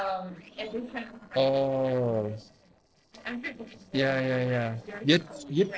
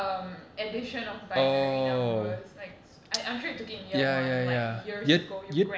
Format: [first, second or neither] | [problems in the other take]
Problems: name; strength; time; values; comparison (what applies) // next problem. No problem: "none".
second | noise reduction (neural separator model SepFormer DNS4)